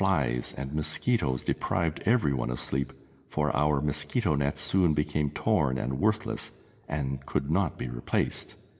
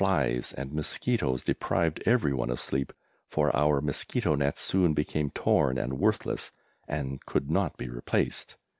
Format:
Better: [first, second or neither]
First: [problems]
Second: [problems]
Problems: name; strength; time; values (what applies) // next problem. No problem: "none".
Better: second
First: room echo; dies away in 0.8 s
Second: none